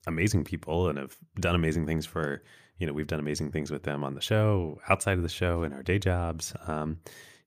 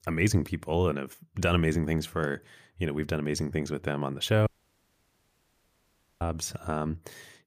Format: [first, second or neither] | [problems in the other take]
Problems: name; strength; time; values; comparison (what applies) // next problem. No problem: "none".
first | audio cutting out; at 4.5 s for 1.5 s